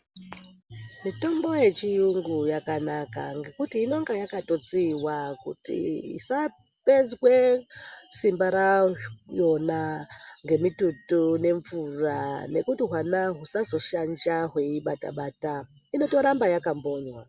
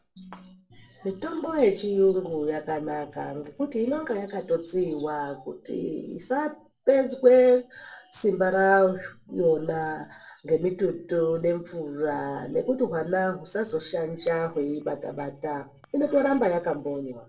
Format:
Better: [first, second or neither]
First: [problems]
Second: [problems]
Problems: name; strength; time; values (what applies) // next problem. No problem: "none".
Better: first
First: none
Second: noise reduction (neural separator model SepFormer DNS4)